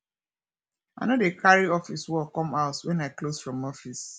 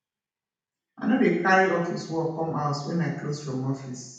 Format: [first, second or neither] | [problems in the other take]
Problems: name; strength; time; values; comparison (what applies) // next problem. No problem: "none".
first | room echo; dies away in 0.8 s